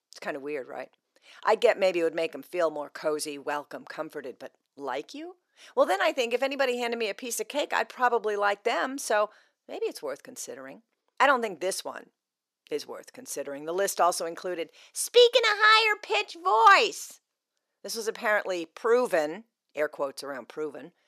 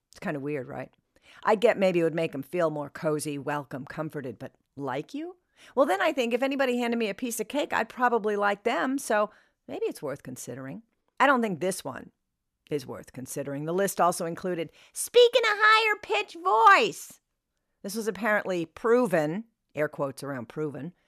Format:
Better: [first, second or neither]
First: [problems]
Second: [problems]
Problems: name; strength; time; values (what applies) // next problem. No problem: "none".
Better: second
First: thin; somewhat; fading below 450 Hz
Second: none